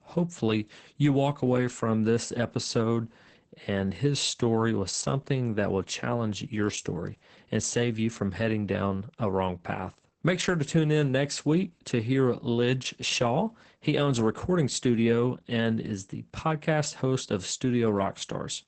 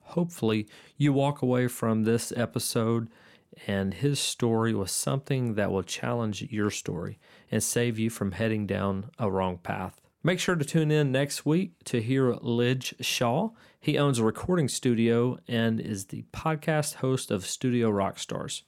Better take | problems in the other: second | garbled, watery; badly; nothing above 8 kHz

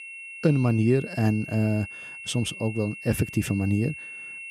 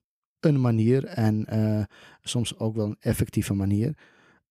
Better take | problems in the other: second | high-pitched whine; noticeable; throughout; 2.5 kHz, 10 dB below the speech

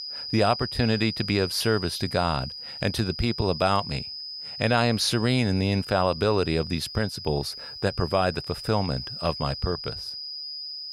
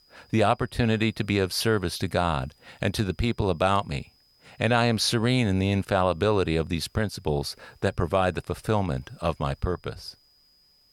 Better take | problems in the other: second | high-pitched whine; loud; throughout; 5 kHz, 8 dB below the speech; faint in the second

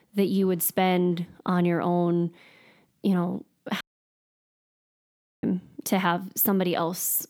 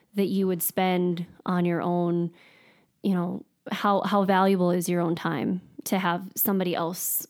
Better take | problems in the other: second | audio cutting out; at 4 s for 1.5 s

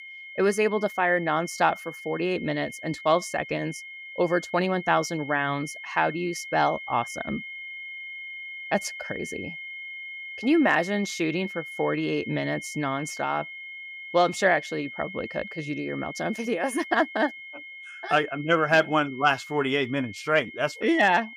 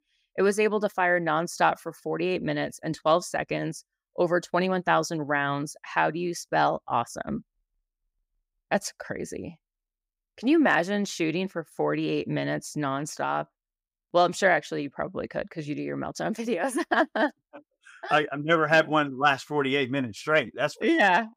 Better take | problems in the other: second | high-pitched whine; noticeable; throughout; 2 kHz, 10 dB below the speech

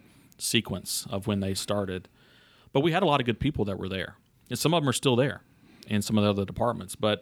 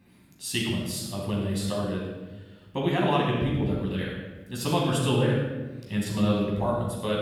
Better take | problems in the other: first | off-mic speech; far // room echo; strong; dies away in 1.1 s

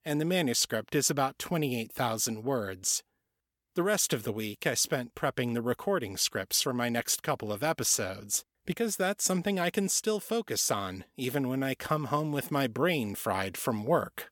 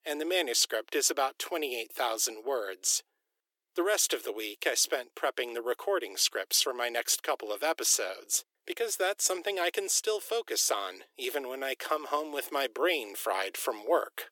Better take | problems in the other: first | thin; very; fading below 350 Hz

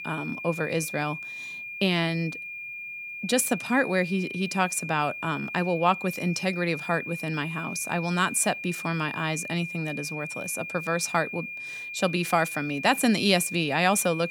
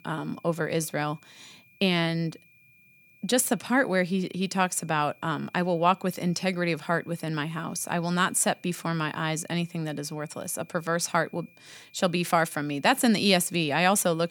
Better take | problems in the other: second | high-pitched whine; loud; throughout; 2.5 kHz, 8 dB below the speech; faint in the second

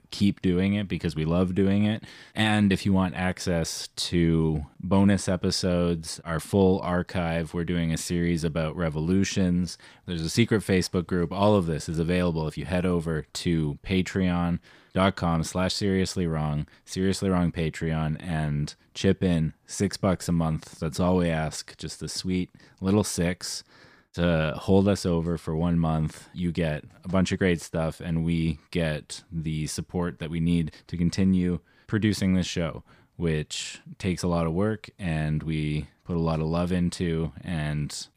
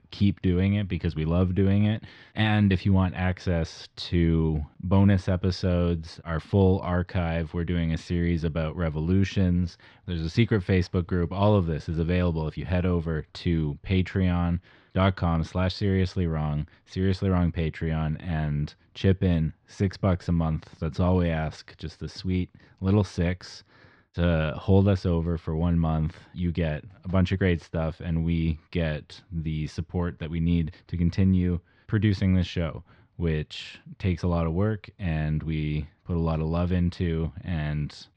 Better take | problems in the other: first | muffled; very slightly; fading above 4 kHz

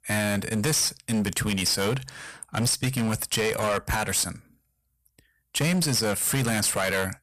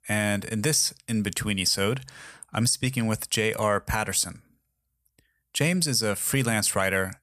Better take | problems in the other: second | distortion; heavy; 16% of the sound clipped

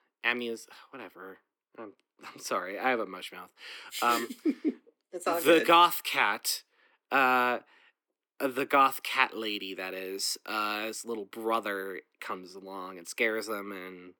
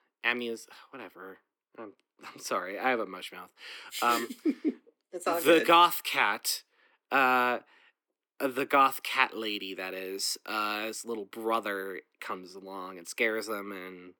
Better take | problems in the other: neither | thin; somewhat; fading below 300 Hz; the same in both

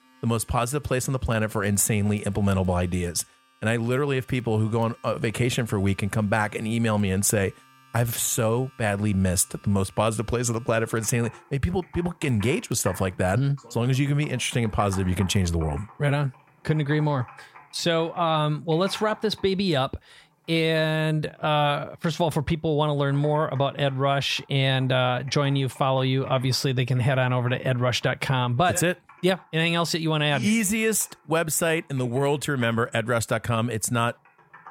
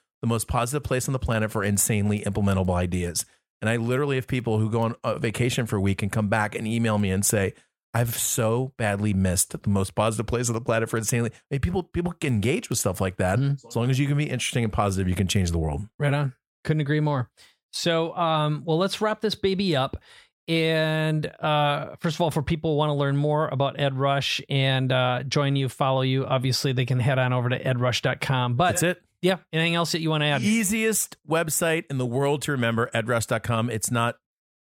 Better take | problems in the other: second | household noises; faint; throughout; 25 dB below the speech

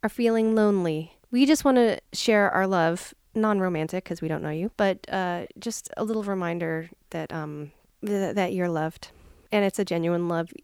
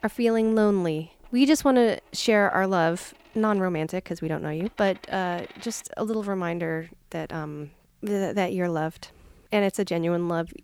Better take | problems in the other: first | household noises; faint; throughout; 25 dB below the speech

